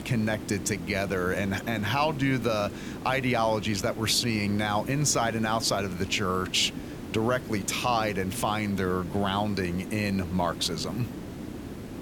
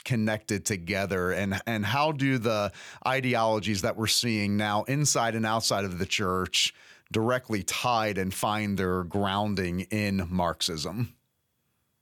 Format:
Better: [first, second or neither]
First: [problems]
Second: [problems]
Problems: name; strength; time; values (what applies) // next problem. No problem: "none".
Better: second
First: hiss; noticeable; throughout; 10 dB below the speech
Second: none